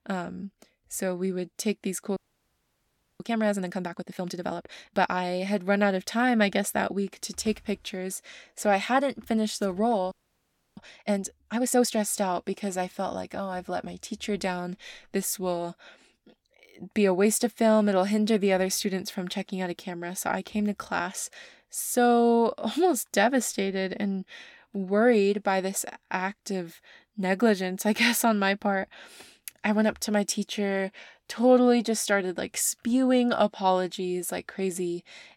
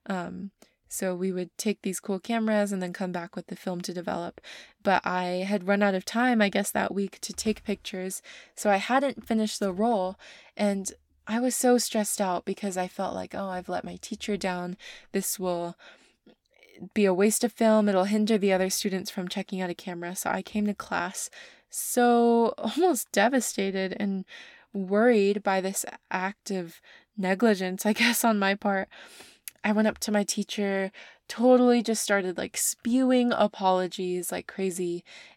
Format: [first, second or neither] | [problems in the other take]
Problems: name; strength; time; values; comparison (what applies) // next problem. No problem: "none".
second | audio freezing; at 2 s for 1 s and at 10 s for 0.5 s